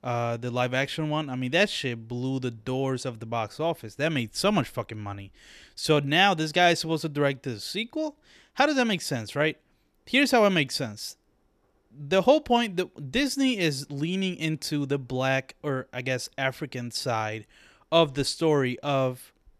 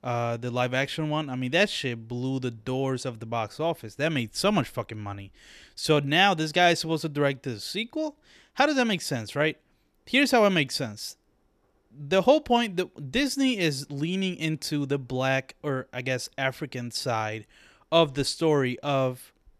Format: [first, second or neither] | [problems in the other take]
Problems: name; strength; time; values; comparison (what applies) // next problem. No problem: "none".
neither | none